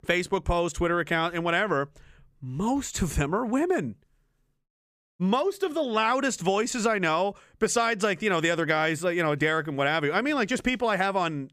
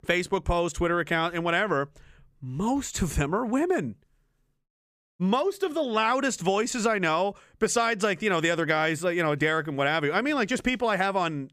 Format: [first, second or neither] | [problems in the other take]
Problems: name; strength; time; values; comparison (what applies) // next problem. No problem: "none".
neither | none